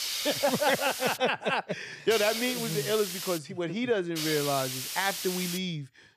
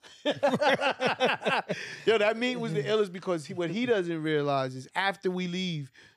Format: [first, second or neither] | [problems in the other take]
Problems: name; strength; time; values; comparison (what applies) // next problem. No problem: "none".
second | hiss; loud; until 1 s, from 2 to 3.5 s and from 4 to 5.5 s; 4 dB below the speech